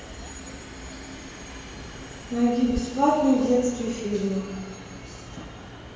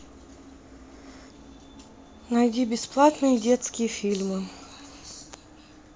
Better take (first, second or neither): second